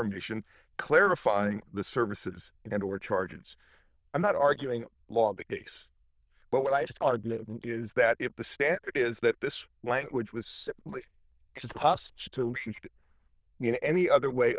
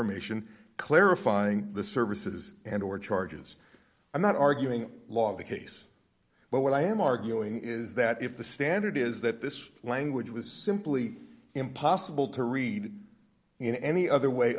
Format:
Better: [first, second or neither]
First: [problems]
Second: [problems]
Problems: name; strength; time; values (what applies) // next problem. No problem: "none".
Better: second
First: noise reduction (neural diffusion model UNIVERSE++)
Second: none